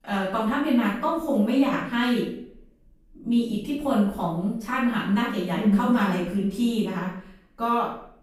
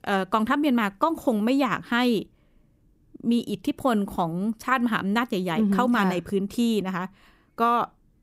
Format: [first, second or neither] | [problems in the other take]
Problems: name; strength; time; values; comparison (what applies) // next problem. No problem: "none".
second | off-mic speech; far // room echo; noticeable; dies away in 0.5 s